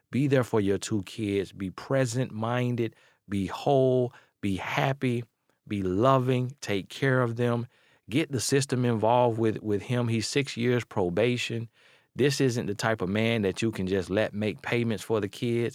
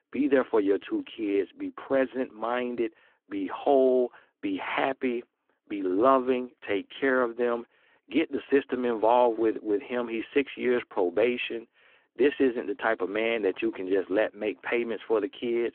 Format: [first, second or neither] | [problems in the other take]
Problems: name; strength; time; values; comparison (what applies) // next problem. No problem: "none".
first | phone-call audio